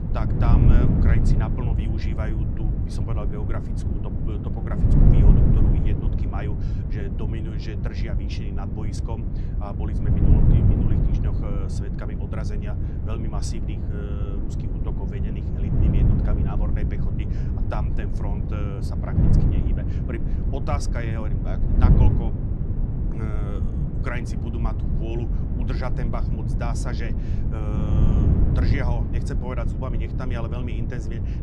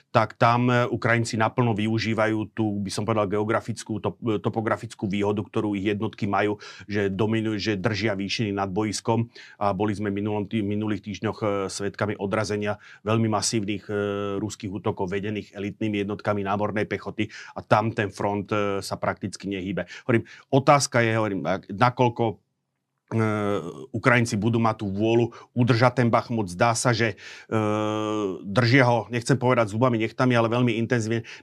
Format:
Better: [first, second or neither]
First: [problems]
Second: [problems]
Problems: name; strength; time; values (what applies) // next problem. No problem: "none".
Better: second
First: wind noise on the microphone; heavy; 2 dB above the speech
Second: none